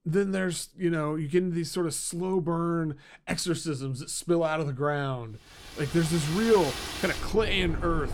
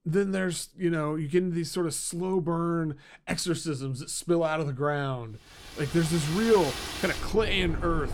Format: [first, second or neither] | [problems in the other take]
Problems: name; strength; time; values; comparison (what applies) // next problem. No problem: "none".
neither | wind in the background; loud; from 6 s on; 8 dB below the speech; the same in both